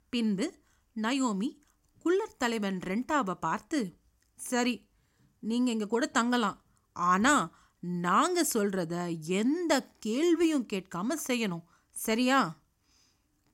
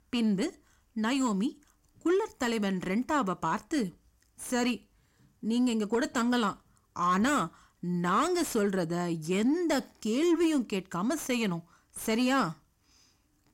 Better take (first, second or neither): first